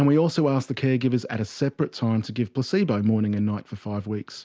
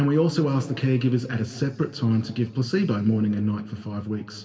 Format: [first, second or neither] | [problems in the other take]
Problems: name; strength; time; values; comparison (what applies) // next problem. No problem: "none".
first | room echo; dies away in 1.8 s